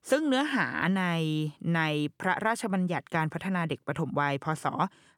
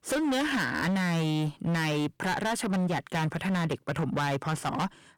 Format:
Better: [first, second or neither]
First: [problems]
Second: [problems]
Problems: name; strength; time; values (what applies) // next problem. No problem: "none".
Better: first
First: none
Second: distortion; heavy; 30% of the sound clipped